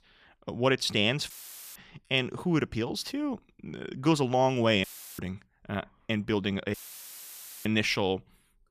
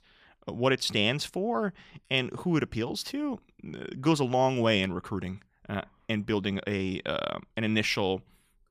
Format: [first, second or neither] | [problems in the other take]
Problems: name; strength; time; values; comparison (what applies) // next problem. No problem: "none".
second | audio cutting out; filled with static; at 1.5 s, at 5 s and at 6.5 s for 1 s